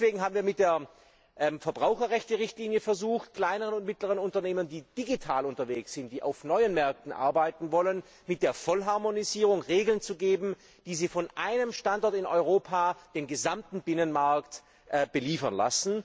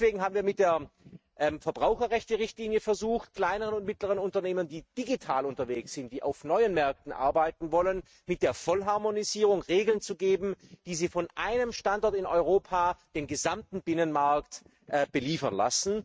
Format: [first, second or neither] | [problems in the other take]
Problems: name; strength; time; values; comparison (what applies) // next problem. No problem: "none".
first | noise reduction (neural mask model RNNoise)